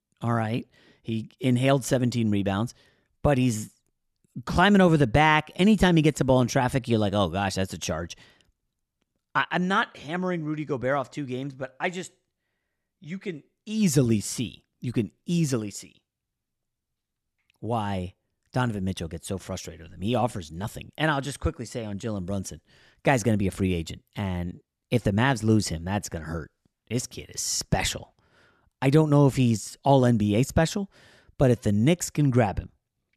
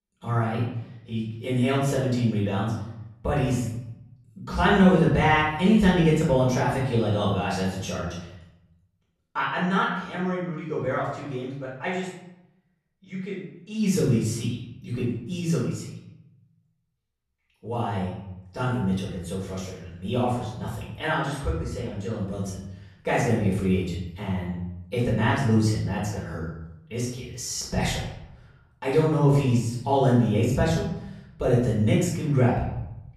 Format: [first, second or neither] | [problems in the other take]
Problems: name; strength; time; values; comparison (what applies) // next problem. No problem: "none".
first | off-mic speech; far // room echo; noticeable; dies away in 0.8 s